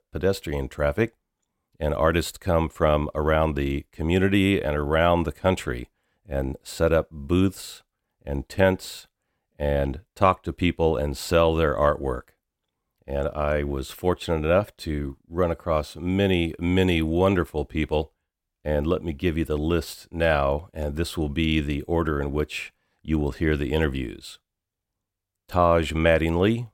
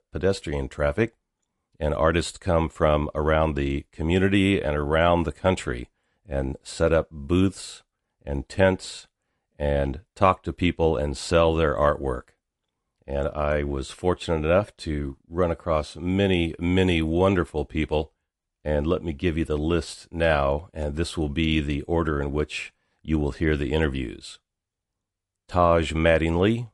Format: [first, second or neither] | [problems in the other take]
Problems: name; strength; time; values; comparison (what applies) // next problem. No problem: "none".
first | garbled, watery; slightly; nothing above 11 kHz